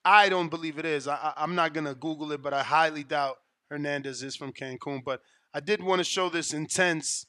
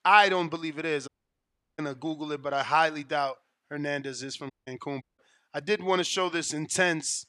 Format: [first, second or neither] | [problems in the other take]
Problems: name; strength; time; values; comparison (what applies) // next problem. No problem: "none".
first | audio cutting out; at 1 s for 0.5 s, at 4.5 s and at 5 s